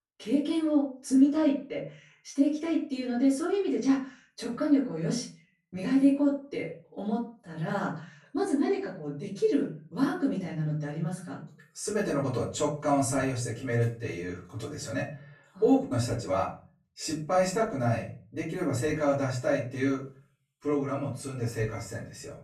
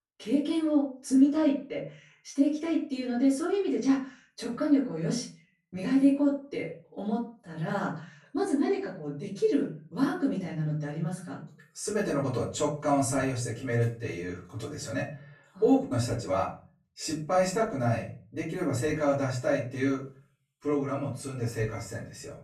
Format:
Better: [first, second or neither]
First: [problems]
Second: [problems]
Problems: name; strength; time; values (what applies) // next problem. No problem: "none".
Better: neither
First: off-mic speech; far // room echo; slight; dies away in 0.3 s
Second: off-mic speech; far // room echo; slight; dies away in 0.3 s